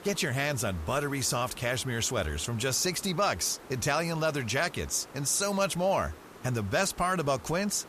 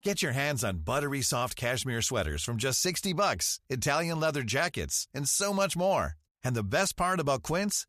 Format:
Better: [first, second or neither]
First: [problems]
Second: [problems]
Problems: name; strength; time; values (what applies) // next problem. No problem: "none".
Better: second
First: hiss; noticeable; throughout; 20 dB below the speech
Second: none